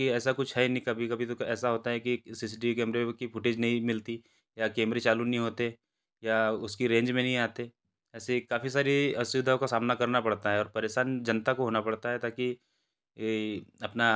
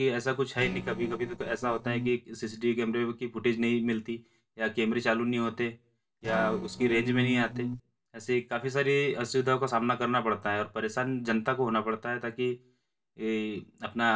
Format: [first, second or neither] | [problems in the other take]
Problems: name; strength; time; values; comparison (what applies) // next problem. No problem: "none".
first | noise reduction (neural separator model SepFormer DNS4)